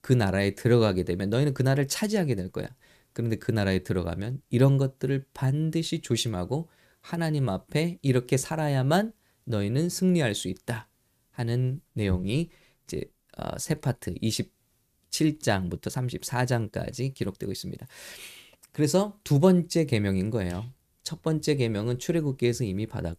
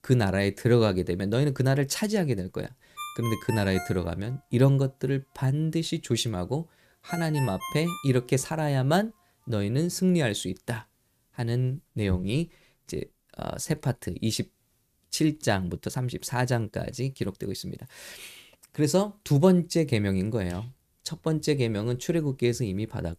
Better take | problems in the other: first | phone ringing; noticeable; from 3 to 8 s; peak 9 dB below the speech

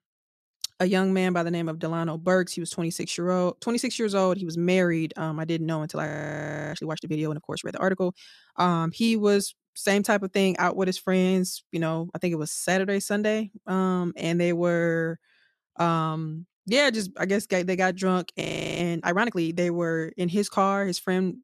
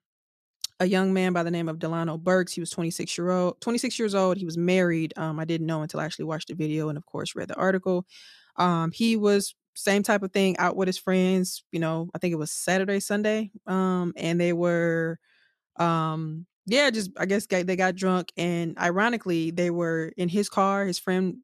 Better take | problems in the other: second | audio freezing; at 6 s for 0.5 s and at 18 s

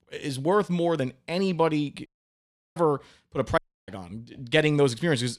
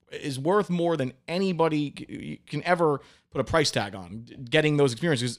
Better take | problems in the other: second | audio cutting out; at 2 s for 0.5 s and at 3.5 s

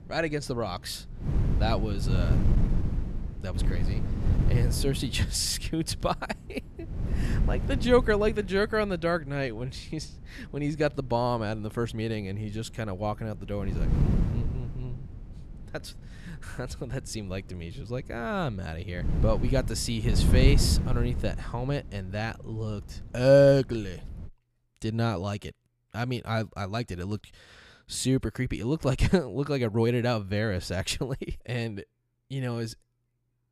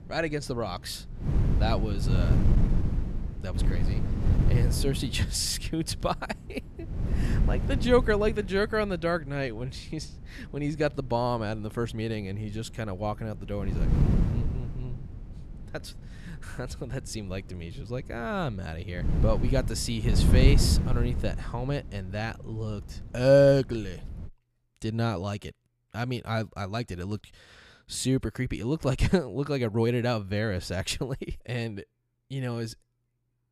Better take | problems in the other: first | wind noise on the microphone; heavy; until 24 s; 9 dB below the speech; occasional gusts in the first

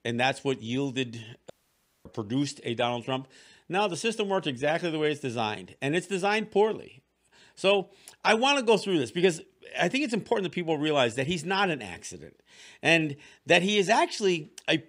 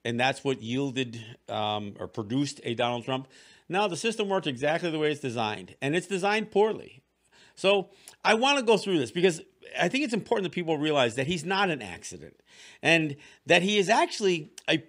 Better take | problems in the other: second | audio cutting out; at 1.5 s for 0.5 s

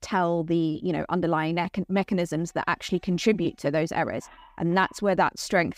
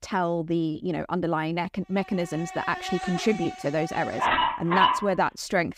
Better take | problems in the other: first | animal sounds; loud; from 2.5 s on; as loud as the speech; faint in the first

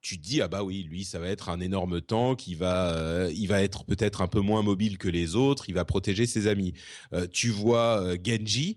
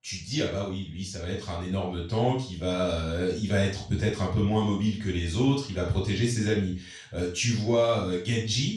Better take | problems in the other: first | room echo; noticeable; dies away in 0.3 s // off-mic speech; far

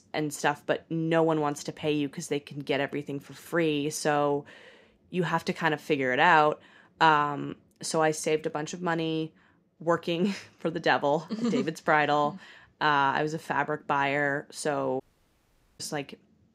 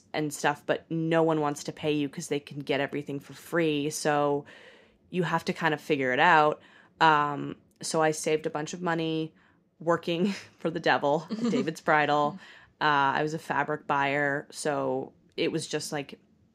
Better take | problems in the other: second | audio cutting out; at 15 s for 1 s

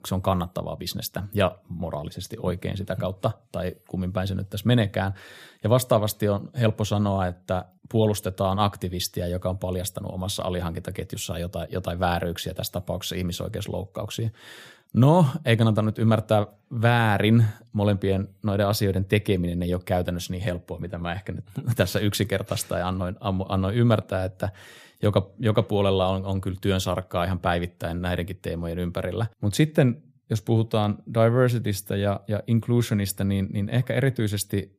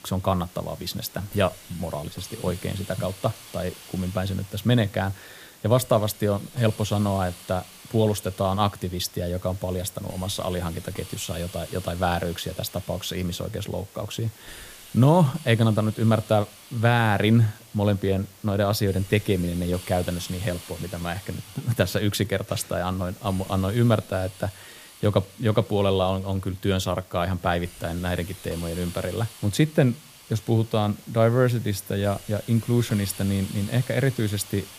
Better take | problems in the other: first | hiss; noticeable; throughout; 20 dB below the speech

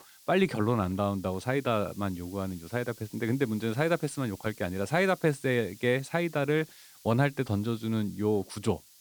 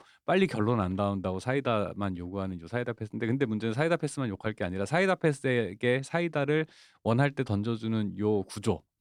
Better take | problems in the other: second | hiss; faint; throughout; 20 dB below the speech

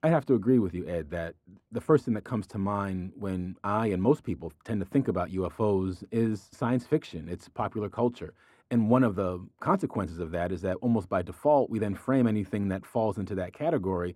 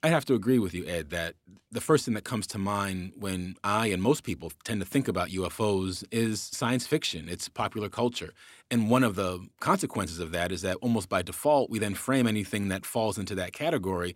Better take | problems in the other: second | muffled; very; fading above 2 kHz

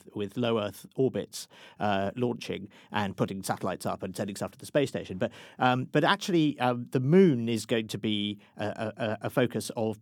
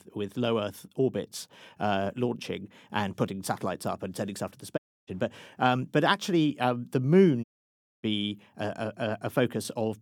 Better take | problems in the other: first | audio cutting out; at 5 s and at 7.5 s for 0.5 s

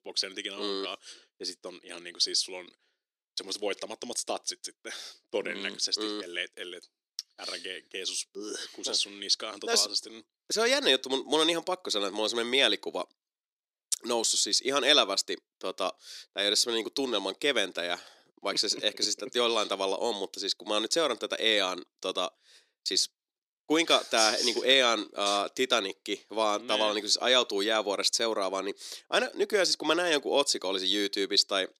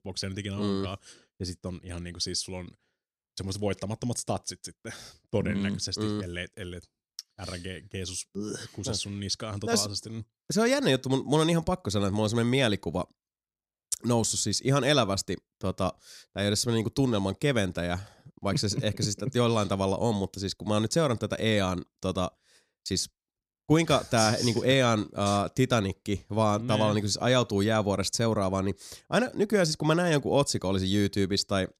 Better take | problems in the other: second | thin; somewhat; fading below 350 Hz

